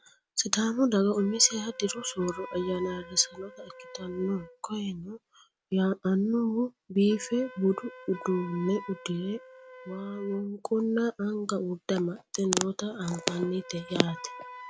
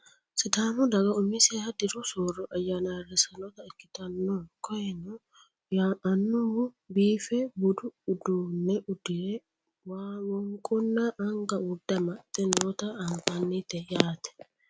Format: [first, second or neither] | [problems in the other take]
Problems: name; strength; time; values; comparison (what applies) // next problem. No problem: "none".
second | background sound (Wind instrument, woodwind instrument); 19 dB below the speech